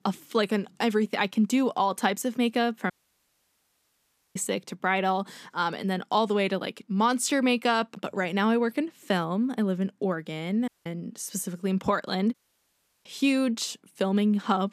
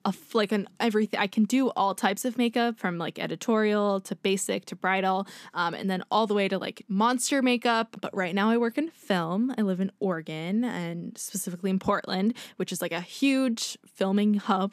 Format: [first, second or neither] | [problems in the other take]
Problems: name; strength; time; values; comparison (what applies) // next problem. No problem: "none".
second | audio cutting out; at 3 s for 1.5 s, at 11 s and at 12 s for 0.5 s